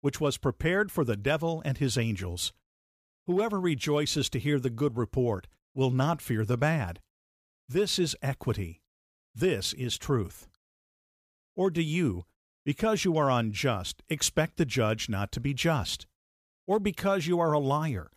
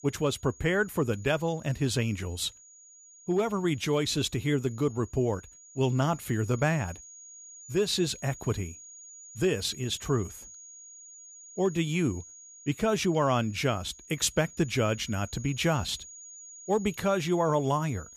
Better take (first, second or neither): first